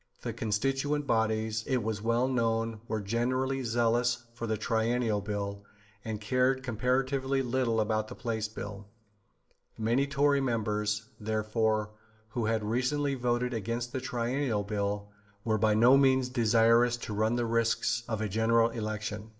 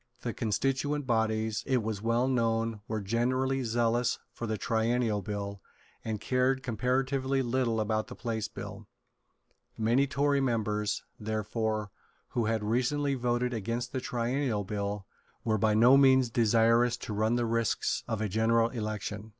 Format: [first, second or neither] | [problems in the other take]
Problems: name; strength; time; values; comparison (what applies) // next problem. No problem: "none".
second | room echo; dies away in 0.4 s